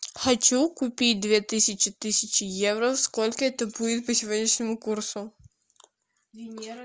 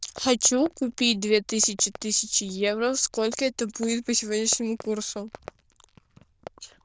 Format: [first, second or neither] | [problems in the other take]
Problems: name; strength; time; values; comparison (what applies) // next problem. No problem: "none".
first | noise reduction (neural diffusion model UNIVERSE++)